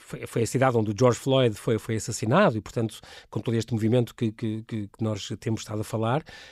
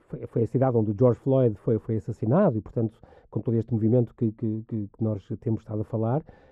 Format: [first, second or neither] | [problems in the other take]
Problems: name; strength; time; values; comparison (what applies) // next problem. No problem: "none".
first | muffled; very; fading above 1.5 kHz